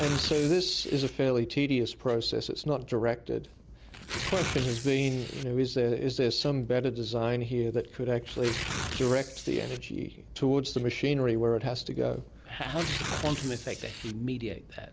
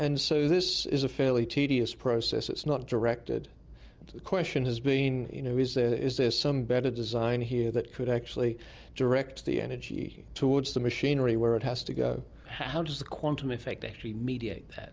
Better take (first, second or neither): second